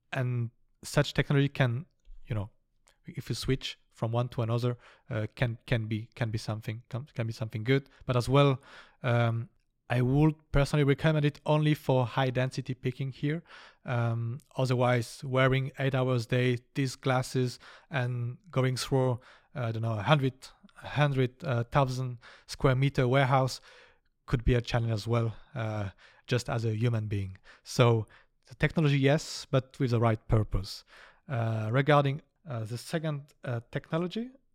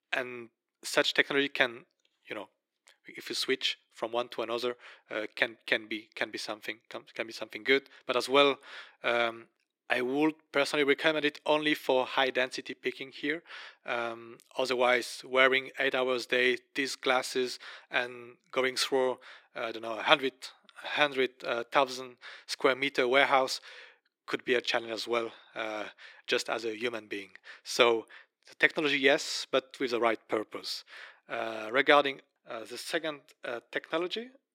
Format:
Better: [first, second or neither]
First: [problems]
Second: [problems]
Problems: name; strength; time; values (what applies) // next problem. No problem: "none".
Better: first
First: none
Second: thin; very; fading below 350 Hz